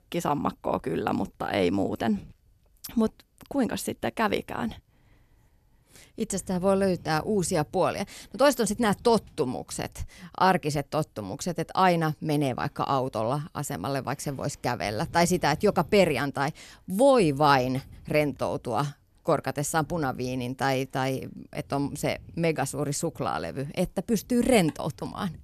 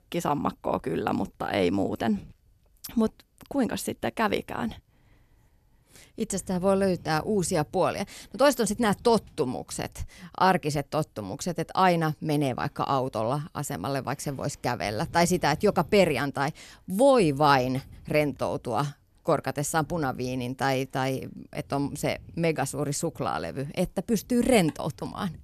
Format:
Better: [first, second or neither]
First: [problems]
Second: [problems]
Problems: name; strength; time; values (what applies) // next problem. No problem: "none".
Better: neither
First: none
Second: none